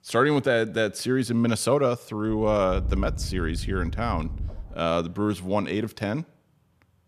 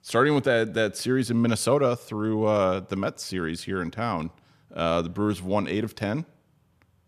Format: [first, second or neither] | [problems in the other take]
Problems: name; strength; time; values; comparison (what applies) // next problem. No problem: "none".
second | low rumble; faint; from 2.5 to 5 s; 20 dB below the speech